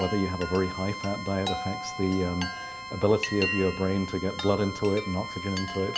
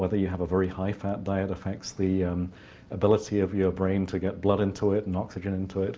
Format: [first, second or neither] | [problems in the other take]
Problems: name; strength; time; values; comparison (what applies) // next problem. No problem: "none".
second | background sound (Chime + Bowed string instrument); 7 dB below the speech